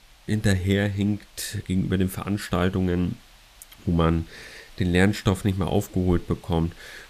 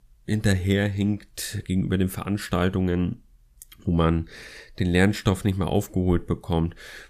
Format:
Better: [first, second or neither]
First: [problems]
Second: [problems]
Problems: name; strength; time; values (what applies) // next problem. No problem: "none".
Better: second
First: hiss; faint; throughout; 25 dB below the speech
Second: none